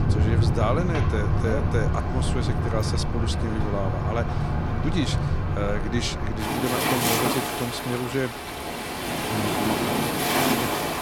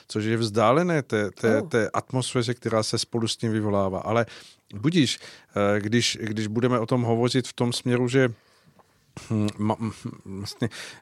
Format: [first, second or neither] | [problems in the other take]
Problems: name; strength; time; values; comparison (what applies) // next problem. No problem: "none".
second | rain or running water; very loud; throughout; 4 dB above the speech